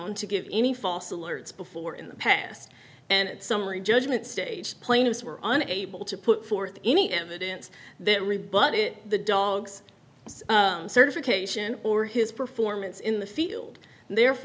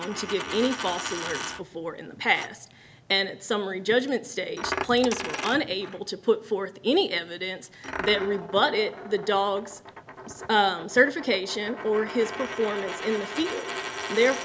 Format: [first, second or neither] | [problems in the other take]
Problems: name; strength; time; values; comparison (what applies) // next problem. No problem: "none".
first | background sound (Coin (dropping)); 10 dB below the speech